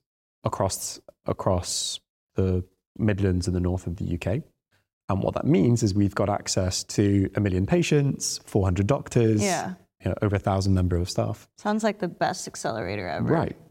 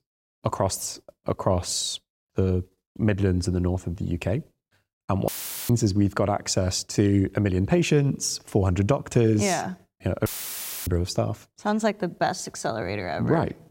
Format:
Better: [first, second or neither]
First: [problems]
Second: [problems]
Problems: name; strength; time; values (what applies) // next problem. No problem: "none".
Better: first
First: none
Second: audio cutting out; filled with static; at 5.5 s and at 10 s for 0.5 s